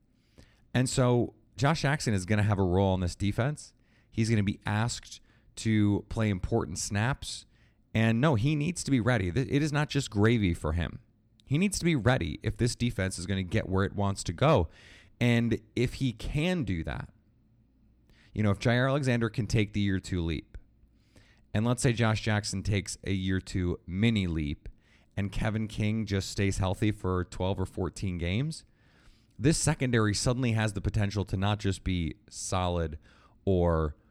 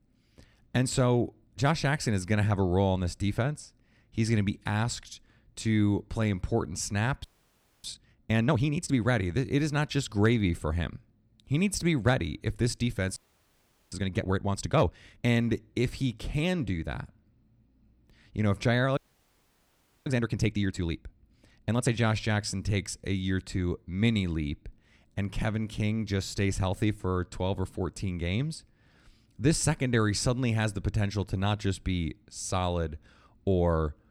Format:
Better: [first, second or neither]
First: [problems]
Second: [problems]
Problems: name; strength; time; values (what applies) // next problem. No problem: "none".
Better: first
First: none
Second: audio freezing; at 7 s for 0.5 s, at 13 s for 1 s and at 19 s for 1 s